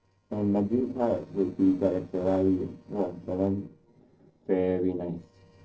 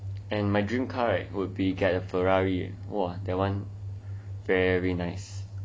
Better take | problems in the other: second | noise reduction (neural separator model SepFormer DNS4)

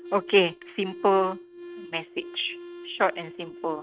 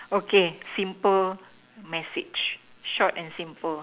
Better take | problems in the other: second | noise reduction (neural mask model RNNoise)

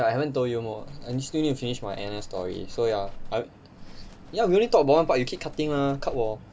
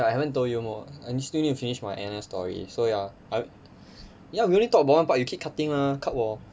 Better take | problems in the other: second | background sound (Livestock, farm animals, working animals); 12 dB below the speech

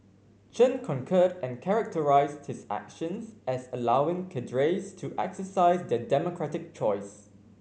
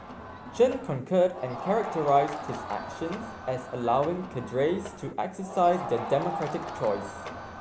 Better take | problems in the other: first | background sound (Crowd); 10 dB below the speech

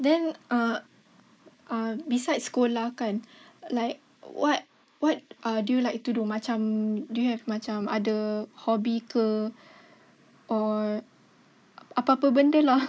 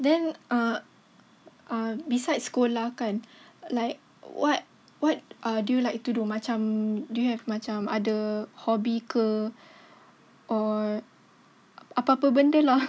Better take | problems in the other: second | noise reduction (neural mask model Resemble Enhance denoiser)

